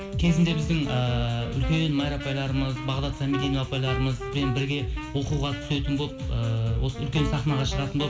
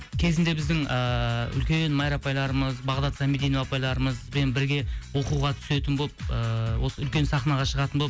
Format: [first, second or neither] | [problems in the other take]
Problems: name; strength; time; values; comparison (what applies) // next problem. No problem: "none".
second | background sound (Wind instrument, woodwind instrument); 12 dB below the speech // room echo; dies away in 2.7 s